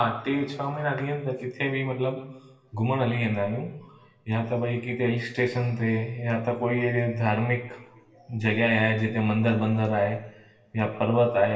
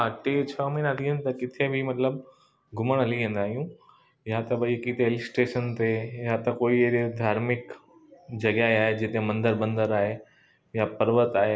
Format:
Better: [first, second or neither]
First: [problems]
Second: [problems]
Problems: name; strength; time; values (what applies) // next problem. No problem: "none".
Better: second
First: room echo; dies away in 0.9 s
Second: none